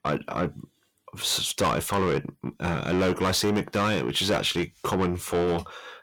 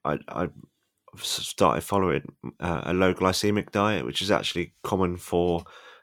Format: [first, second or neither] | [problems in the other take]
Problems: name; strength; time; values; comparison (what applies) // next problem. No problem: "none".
second | distortion; heavy; 5 dB below the speech